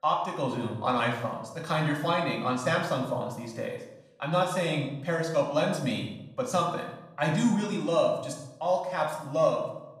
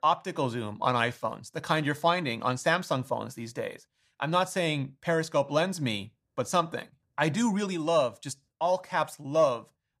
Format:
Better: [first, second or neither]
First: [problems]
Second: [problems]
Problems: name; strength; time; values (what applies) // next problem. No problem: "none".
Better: second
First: off-mic speech; far // room echo; noticeable; dies away in 0.7 s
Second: none